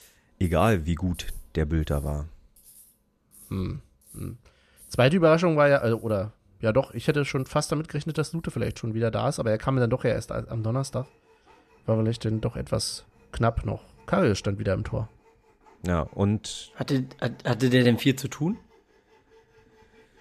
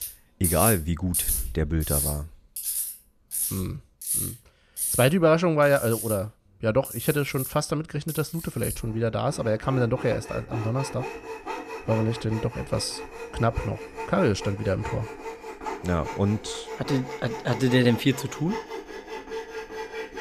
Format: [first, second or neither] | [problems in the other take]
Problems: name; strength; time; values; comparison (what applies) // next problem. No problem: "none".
first | machinery noise; loud; throughout; 6 dB below the speech; faint in the first